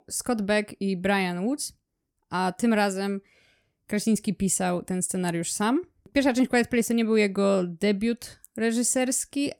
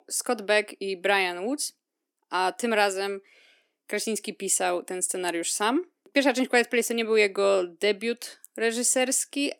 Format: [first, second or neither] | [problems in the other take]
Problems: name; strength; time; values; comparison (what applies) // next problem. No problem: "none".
first | thin; somewhat; fading below 300 Hz